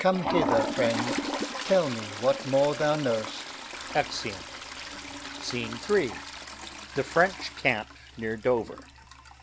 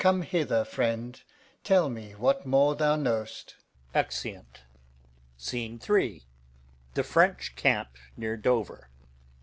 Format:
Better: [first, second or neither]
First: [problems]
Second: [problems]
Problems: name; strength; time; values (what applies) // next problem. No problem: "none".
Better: second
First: background sound (Toilet flush); 6 dB below the speech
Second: none